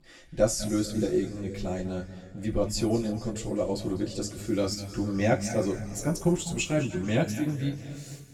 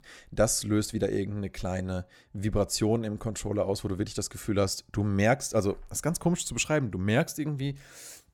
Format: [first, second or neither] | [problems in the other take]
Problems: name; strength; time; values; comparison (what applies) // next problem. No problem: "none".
second | room echo; noticeable; dies away in 2 s // off-mic speech; far